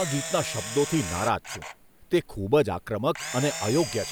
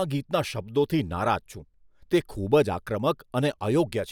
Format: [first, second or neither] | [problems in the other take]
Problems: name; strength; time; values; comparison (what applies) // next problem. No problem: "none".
second | background sound (Camera); 10 dB below the speech